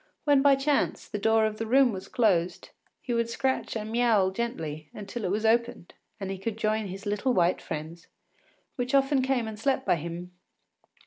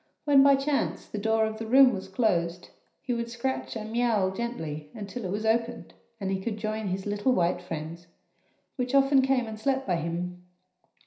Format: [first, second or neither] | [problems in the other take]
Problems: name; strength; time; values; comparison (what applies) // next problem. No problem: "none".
first | room echo; dies away in 0.5 s